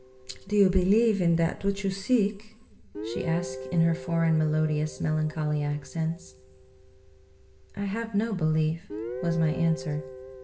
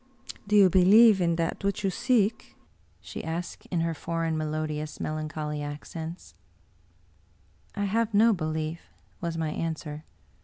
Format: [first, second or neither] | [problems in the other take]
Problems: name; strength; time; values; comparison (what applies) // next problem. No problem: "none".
second | background sound (Guitar); 14 dB below the speech // room echo; dies away in 0.6 s